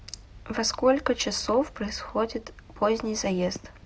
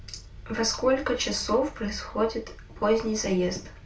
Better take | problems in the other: first | room echo; dies away in 0.3 s

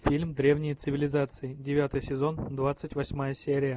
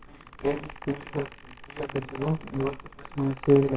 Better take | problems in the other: first | noise reduction (neural separator model SepFormer WHAMR!)

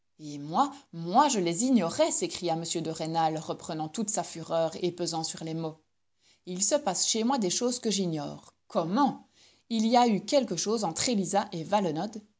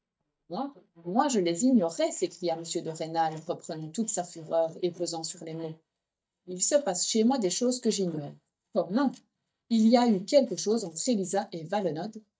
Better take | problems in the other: first | noise reduction (neural mask model DeepFilterNet 3)

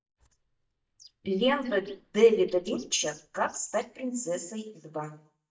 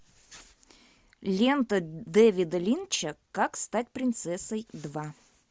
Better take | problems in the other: second | noise reduction (neural mask model DeepFilterNet 3)

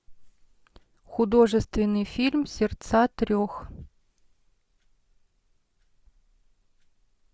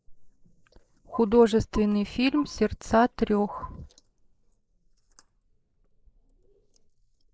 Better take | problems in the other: first | noise reduction (neural mask model Resemble Enhance denoiser)

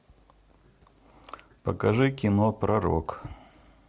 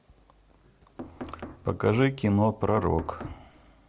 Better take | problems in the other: first | background sound (Knock); 13 dB below the speech

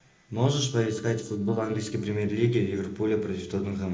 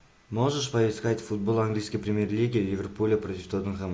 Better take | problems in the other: second | noise reduction (neural separator model SepFormer DNS4)

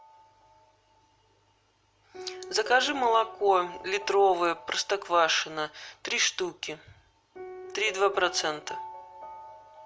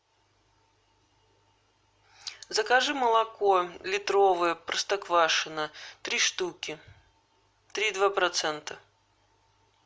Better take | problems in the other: second | background sound (Piano); 16 dB below the speech

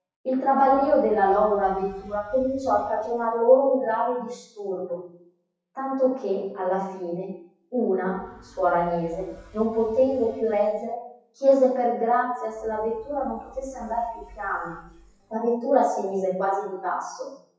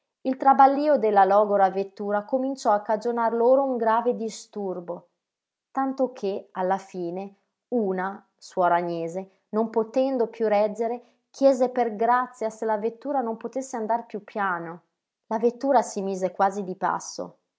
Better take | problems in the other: second | noise reduction (classical method WPE with log-MMSE)

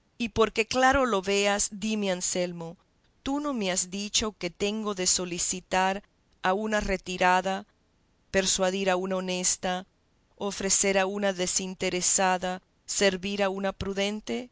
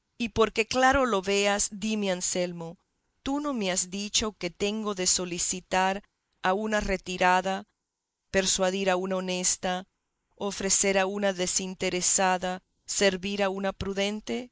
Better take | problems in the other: first | noise reduction (neural mask model Resemble Enhance denoiser)

